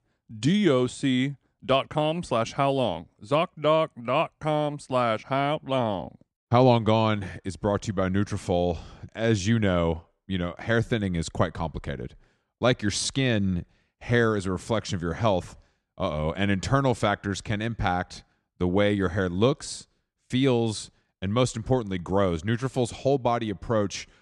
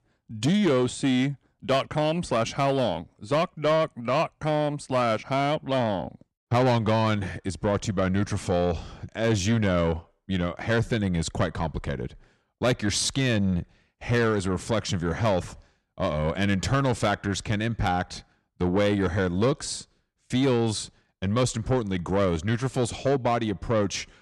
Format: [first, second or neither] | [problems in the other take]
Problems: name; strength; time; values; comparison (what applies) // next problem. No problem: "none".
first | distortion; slight; 10 dB below the speech